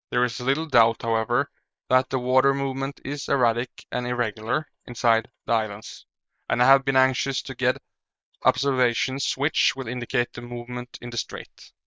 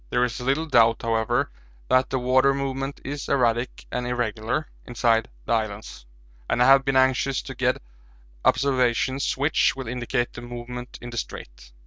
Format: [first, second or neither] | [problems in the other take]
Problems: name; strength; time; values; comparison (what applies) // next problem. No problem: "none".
second | noise reduction (neural mask model Resemble Enhance denoiser)